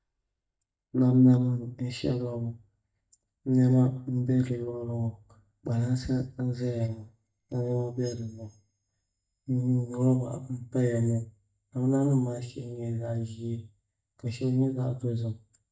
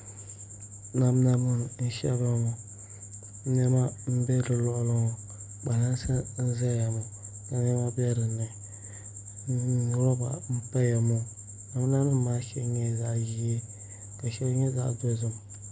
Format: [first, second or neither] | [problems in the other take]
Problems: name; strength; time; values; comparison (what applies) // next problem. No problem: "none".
second | noise reduction (neural mask model DeepFilterNet 3)